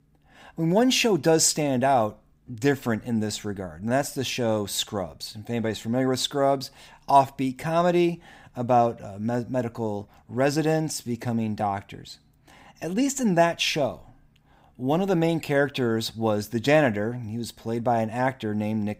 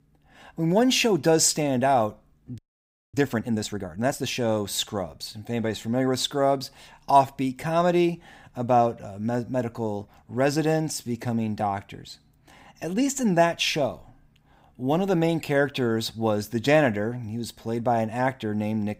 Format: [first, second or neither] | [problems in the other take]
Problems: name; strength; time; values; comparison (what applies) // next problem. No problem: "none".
first | audio freezing; at 2.5 s for 0.5 s